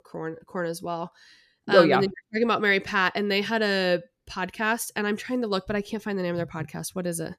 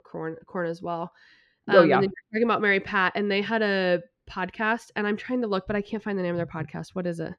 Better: first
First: none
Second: muffled; slightly; fading above 3 kHz

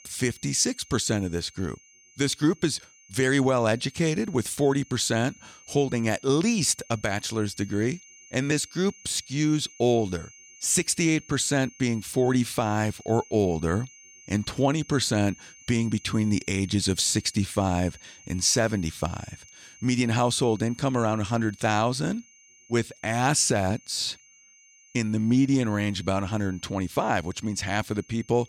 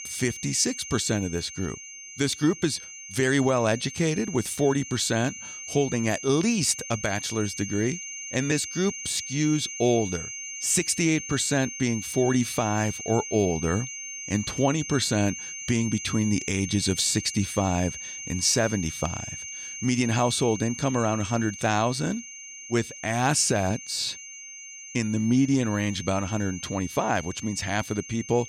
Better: first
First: high-pitched whine; faint; throughout; 6.5 kHz, 25 dB below the speech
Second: high-pitched whine; loud; throughout; 6.5 kHz, 10 dB below the speech

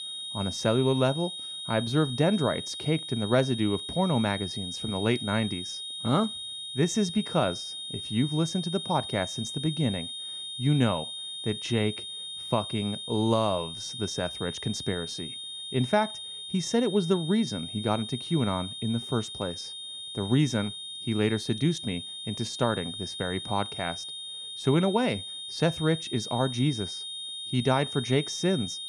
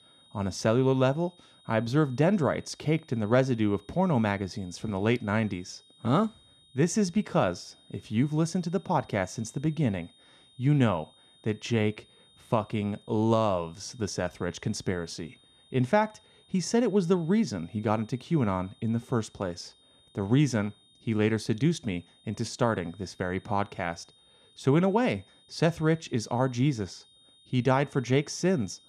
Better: second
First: high-pitched whine; loud; throughout; 3.5 kHz, 6 dB below the speech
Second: high-pitched whine; faint; throughout; 3.5 kHz, 30 dB below the speech

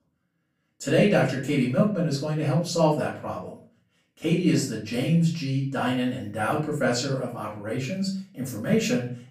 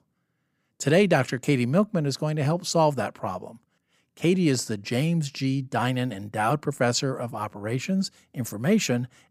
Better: second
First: off-mic speech; far // room echo; slight; dies away in 0.4 s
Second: none

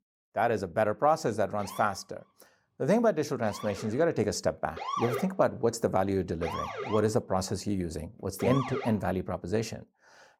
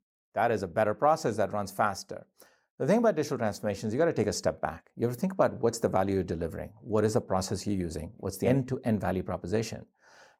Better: second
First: siren; noticeable; from 1.5 to 9 s; peak 3 dB below the speech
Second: none

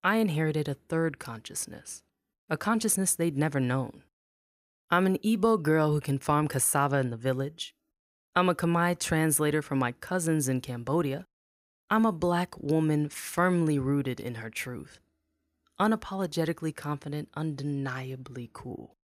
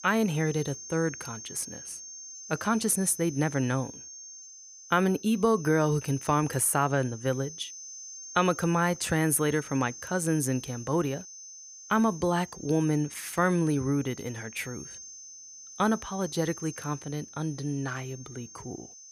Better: first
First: none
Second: high-pitched whine; noticeable; throughout; 6 kHz, 15 dB below the speech

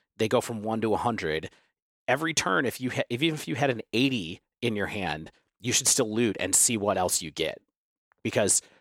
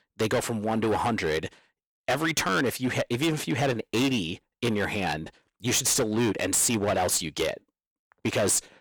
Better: first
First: none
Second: distortion; heavy; 13% of the sound clipped

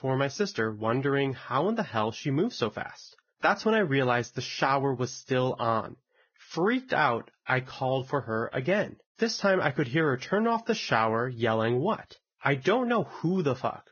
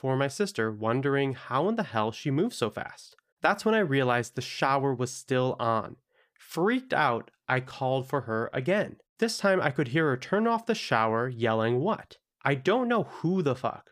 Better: second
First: garbled, watery; badly; nothing above 6.5 kHz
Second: none

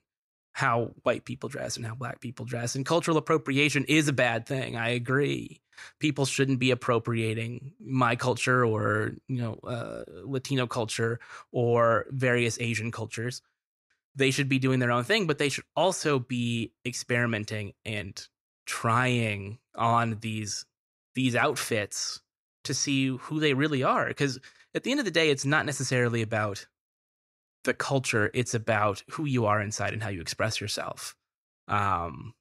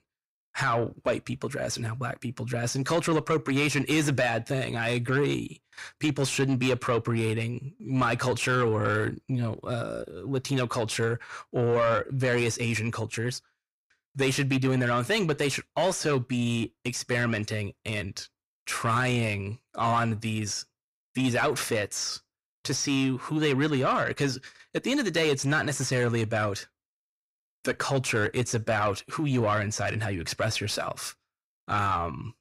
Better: first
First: none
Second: distortion; slight; 10 dB below the speech

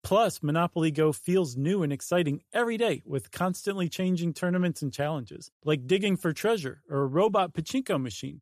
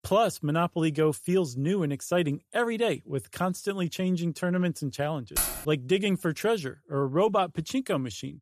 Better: first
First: none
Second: jangling keys; loud; at 5.5 s; peak level with the speech

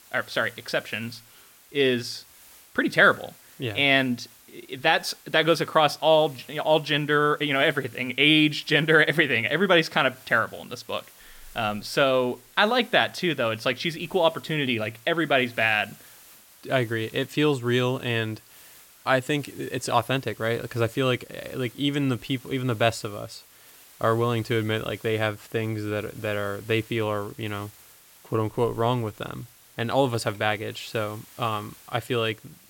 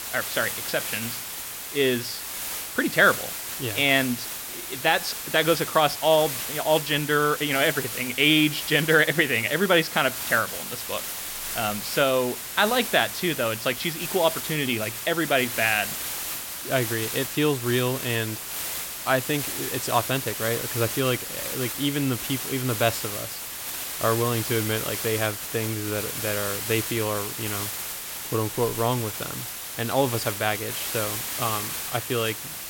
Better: first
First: hiss; faint; throughout; 25 dB below the speech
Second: hiss; loud; throughout; 5 dB below the speech

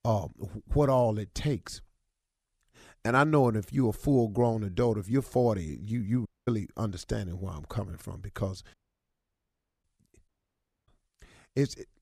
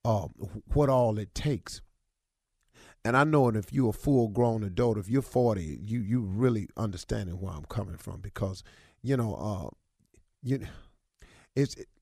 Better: second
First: audio cutting out; at 6.5 s, at 8.5 s for 1 s and at 10 s for 0.5 s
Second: none

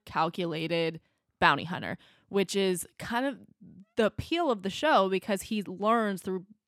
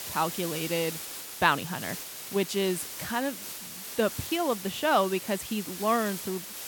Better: first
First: none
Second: hiss; loud; throughout; 7 dB below the speech

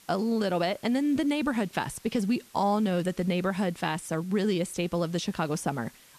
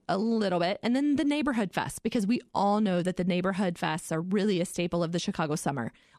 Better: second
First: hiss; faint; throughout; 25 dB below the speech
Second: none

